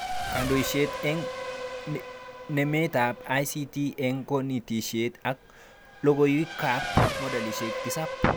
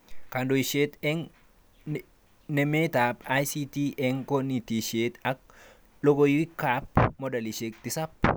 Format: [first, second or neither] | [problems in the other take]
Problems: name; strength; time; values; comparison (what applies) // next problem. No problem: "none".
second | background sound (Race car, auto racing / Accelerating, revving, vroom); 8 dB below the speech